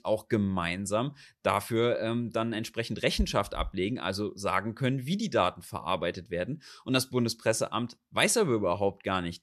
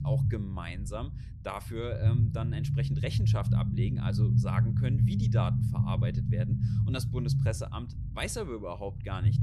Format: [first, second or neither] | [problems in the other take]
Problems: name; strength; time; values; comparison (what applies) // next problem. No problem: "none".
first | low rumble; loud; throughout; 1 dB below the speech